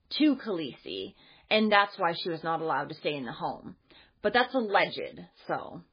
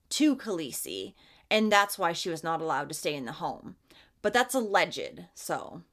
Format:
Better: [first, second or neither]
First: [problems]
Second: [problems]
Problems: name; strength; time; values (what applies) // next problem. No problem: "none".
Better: second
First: garbled, watery; badly; nothing above 4.5 kHz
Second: none